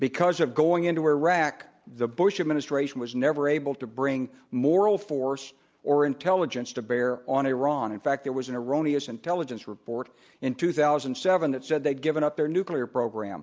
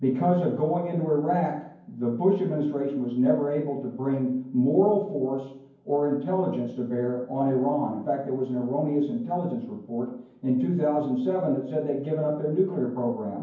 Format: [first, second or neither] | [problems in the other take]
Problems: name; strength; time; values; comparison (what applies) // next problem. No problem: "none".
first | room echo; dies away in 0.9 s